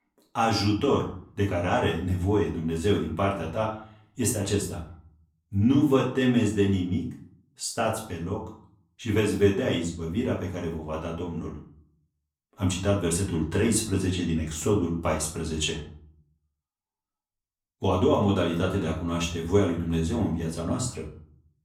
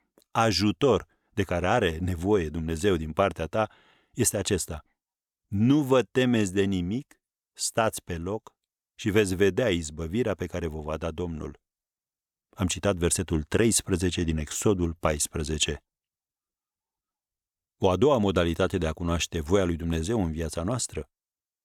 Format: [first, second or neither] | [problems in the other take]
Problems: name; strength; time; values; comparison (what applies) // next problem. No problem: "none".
second | off-mic speech; far // room echo; slight; dies away in 0.5 s